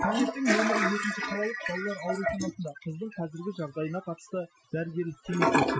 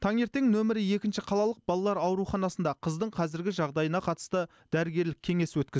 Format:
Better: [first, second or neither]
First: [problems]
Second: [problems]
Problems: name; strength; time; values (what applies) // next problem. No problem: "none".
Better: second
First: noise reduction (classical method Wiener filter)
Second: none